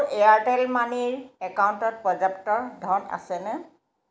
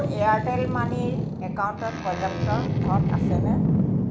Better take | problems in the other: first | background sound (Boat, Water vehicle); 5 dB above the speech

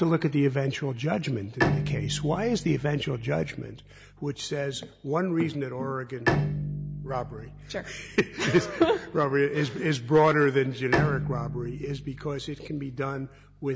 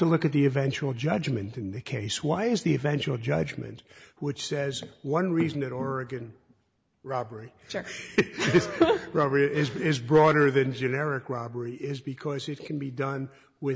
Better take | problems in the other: second | background sound (Bowed string instrument); 7 dB below the speech

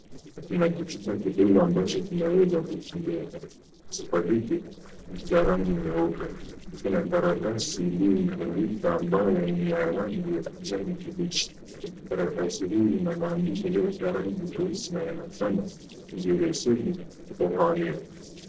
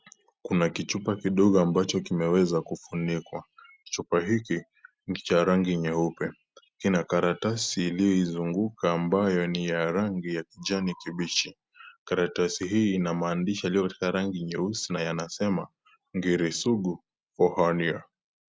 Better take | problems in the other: second | noise reduction (neural separator model SepFormer DNS4)

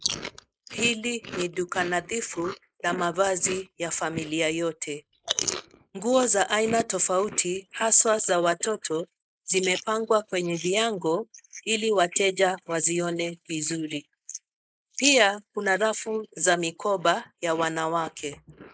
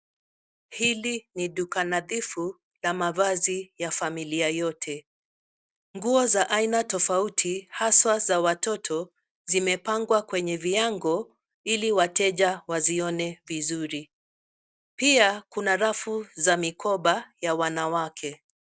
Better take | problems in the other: second | noise reduction (neural mask model Resemble Enhance denoiser)

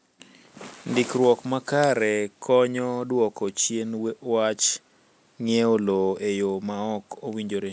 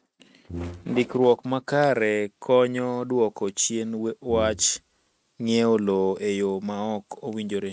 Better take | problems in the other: first | noise reduction (neural mask model RNNoise)

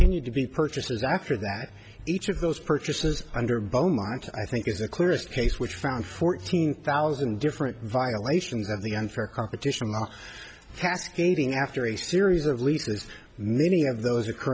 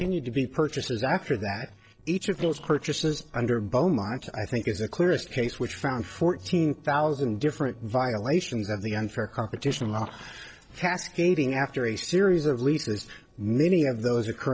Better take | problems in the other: first | noise reduction (neural separator model SepFormer DNS4)

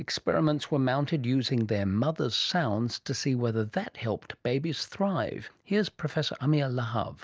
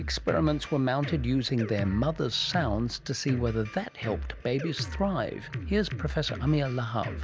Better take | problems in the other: first | background sound (Drum kit); 9 dB below the speech

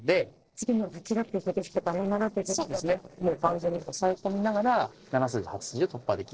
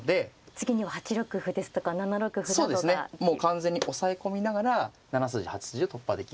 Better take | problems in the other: second | noise reduction (neural separator model SepFormer DNS4)

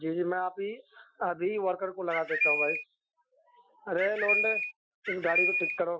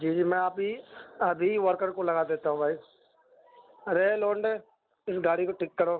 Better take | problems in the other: second | noise reduction (classical method Wiener filter)

